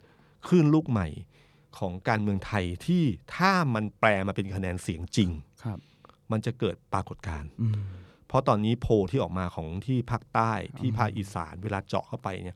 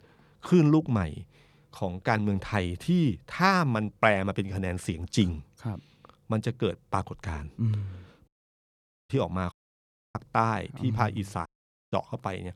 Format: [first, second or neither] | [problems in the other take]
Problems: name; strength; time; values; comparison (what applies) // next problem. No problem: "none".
first | audio cutting out; at 8.5 s for 1 s, at 9.5 s for 0.5 s and at 11 s